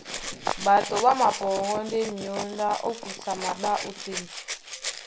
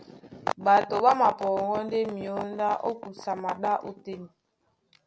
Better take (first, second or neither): second